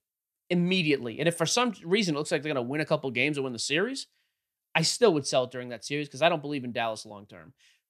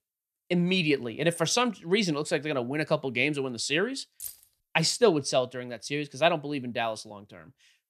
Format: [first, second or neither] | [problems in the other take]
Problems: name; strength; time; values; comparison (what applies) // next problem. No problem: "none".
first | jangling keys; faint; at 4 s; peak 15 dB below the speech